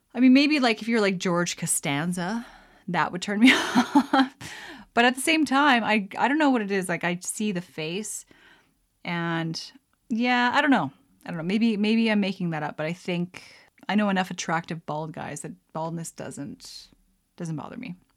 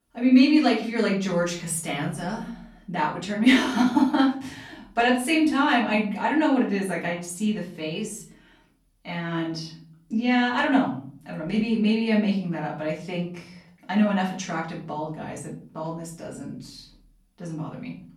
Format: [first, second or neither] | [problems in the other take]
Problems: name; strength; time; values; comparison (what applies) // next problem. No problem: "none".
first | off-mic speech; far // room echo; slight; dies away in 0.6 s